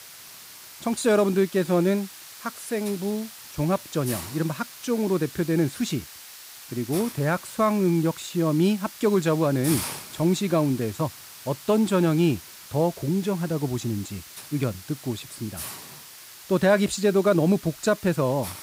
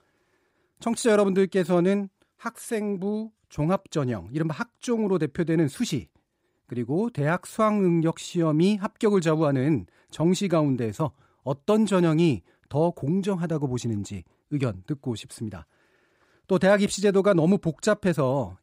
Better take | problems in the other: second | hiss; noticeable; throughout; 15 dB below the speech

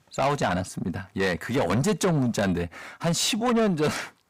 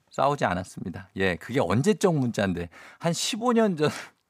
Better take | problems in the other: second | distortion; heavy; 7 dB below the speech

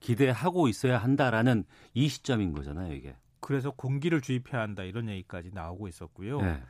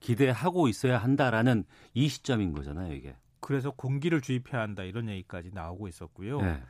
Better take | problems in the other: neither | none

